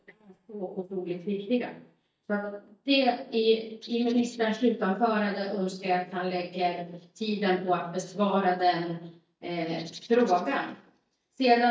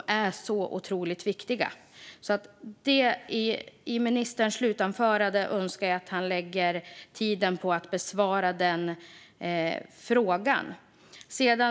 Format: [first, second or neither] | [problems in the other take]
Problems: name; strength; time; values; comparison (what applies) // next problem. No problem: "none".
second | noise reduction (neural mask model DeepFilterNet 3)